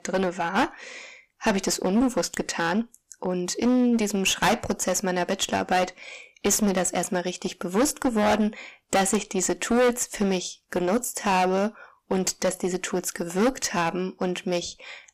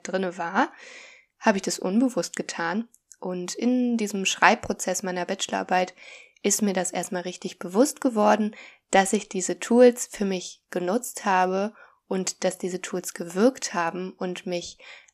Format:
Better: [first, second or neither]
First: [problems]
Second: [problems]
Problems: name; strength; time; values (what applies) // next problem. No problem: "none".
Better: second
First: distortion; heavy; 10% of the sound clipped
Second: none